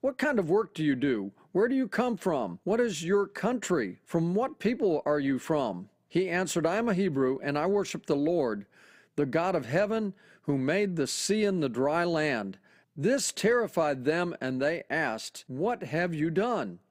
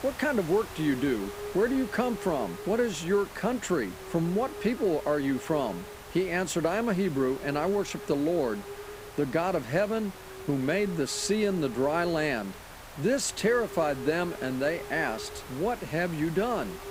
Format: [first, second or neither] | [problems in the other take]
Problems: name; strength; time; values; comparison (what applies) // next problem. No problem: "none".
first | hiss; noticeable; throughout; 15 dB below the speech